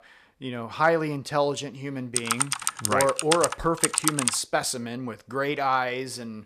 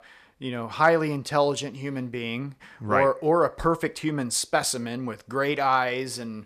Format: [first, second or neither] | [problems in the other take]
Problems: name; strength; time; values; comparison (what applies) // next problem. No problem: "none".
second | keyboard typing; loud; from 2 to 4.5 s; peak 4 dB above the speech